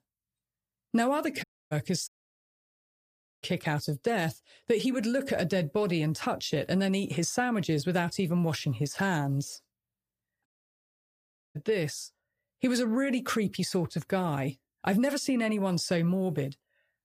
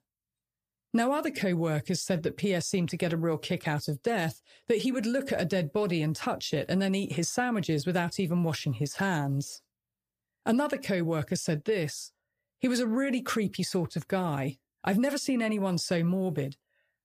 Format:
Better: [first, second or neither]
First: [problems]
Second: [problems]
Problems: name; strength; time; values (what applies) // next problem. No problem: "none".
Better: second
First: audio cutting out; at 1.5 s, at 2 s for 1.5 s and at 10 s for 1 s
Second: none